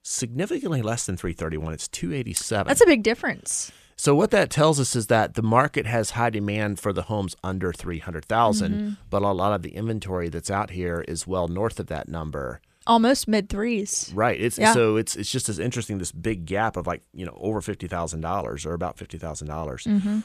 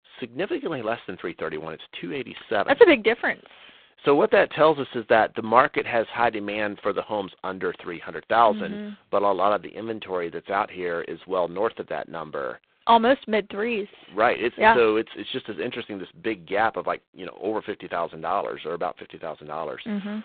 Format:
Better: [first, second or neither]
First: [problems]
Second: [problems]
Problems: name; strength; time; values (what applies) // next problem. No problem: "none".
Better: first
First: none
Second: phone-call audio; poor line; nothing above 4 kHz